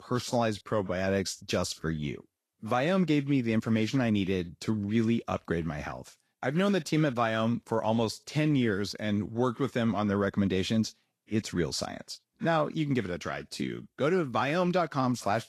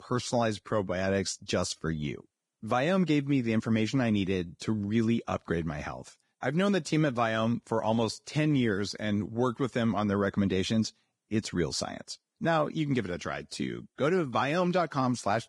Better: first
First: garbled, watery; slightly; nothing above 13 kHz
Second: garbled, watery; badly; nothing above 10.5 kHz

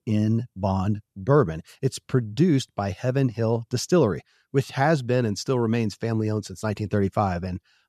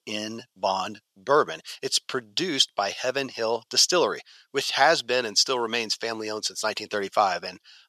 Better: first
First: none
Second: thin; very; fading below 650 Hz

